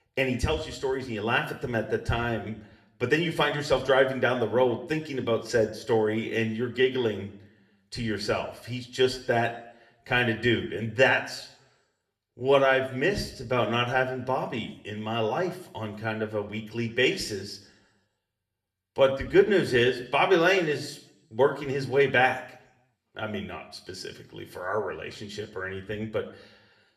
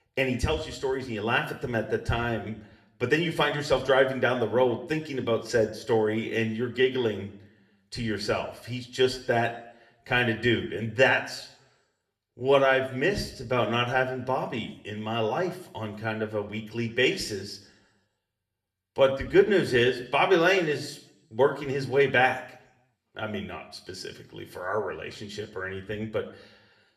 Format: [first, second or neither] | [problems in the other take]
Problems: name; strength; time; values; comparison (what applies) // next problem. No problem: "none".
neither | room echo; very slight; dies away in 0.6 s; the same in both // off-mic speech; somewhat distant; the same in both